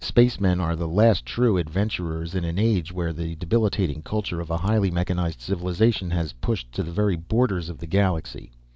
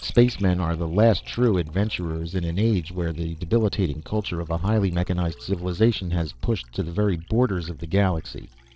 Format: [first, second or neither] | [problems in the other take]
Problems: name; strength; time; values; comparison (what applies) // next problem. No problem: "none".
first | noise reduction (neural separator model SepFormer DNS4)